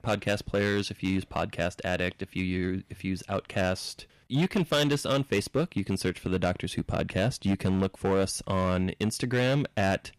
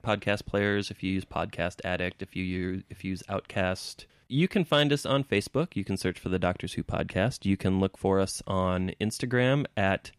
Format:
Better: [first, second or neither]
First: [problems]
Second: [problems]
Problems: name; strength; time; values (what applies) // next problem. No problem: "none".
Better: second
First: distortion; slight; 6% of the sound clipped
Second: none